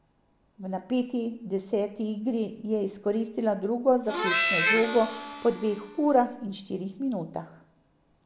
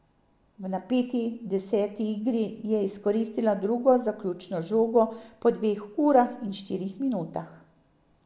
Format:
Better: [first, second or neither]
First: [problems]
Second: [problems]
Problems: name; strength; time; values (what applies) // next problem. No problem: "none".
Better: second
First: background sound (Harmonica); 2 dB below the speech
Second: none